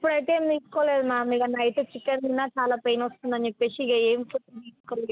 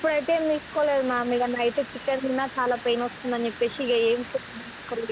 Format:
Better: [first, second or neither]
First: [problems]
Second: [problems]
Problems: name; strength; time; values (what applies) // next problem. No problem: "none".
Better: first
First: none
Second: background sound (Water); 15 dB below the speech